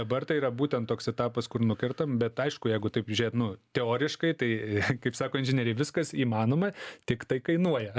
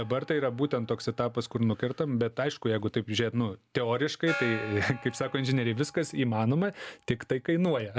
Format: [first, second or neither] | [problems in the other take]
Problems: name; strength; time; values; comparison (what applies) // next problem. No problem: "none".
first | background sound (Gong); 16 dB below the speech